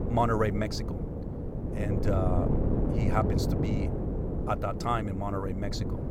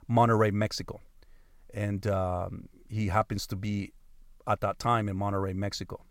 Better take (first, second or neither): second